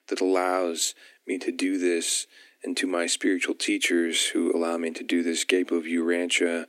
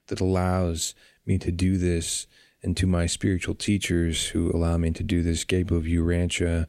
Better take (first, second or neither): second